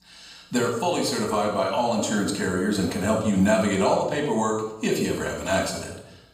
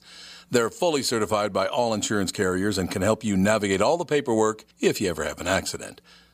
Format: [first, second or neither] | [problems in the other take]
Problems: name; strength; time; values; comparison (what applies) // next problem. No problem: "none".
second | off-mic speech; far // room echo; noticeable; dies away in 0.7 s